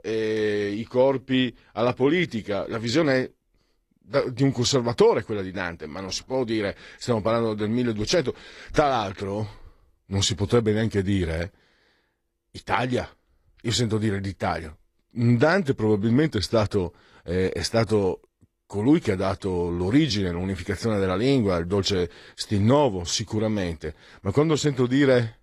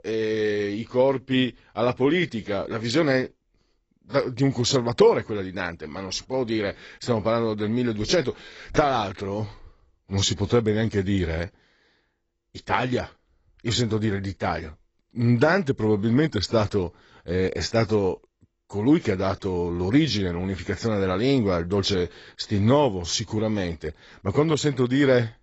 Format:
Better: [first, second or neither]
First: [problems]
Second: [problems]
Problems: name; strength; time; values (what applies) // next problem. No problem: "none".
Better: first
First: garbled, watery; slightly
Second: garbled, watery; badly; nothing above 7.5 kHz